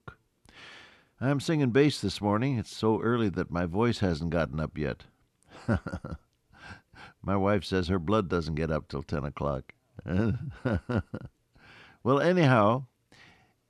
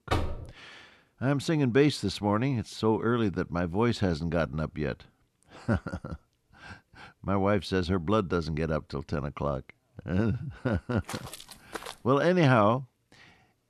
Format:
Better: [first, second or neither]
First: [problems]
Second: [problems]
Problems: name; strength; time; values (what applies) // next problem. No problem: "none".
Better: first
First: none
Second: door banging; noticeable; at the start; peak 3 dB below the speech // footsteps; faint; at 11 s; peak 10 dB below the speech